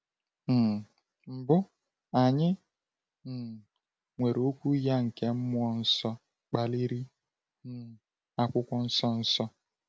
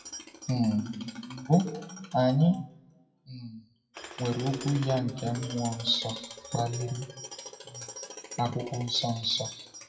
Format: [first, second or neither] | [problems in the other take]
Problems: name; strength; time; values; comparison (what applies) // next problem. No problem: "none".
first | noise reduction (classical method WPE with log-MMSE)